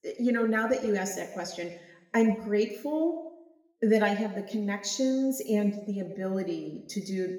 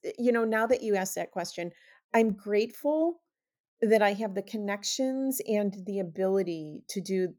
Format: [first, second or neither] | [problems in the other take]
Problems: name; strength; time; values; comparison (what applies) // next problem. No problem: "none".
second | room echo; slight; dies away in 0.8 s // off-mic speech; somewhat distant